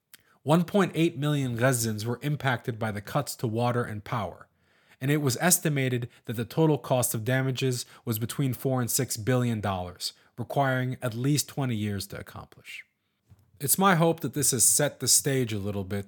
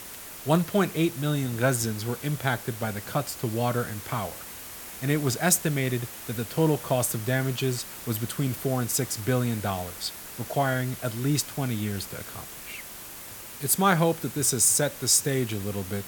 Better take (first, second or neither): first